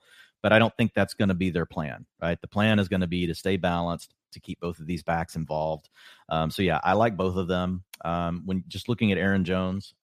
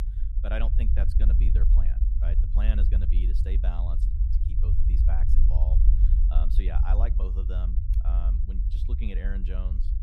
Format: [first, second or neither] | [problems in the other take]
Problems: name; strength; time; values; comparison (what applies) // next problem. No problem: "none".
first | low rumble; loud; throughout; 3 dB below the speech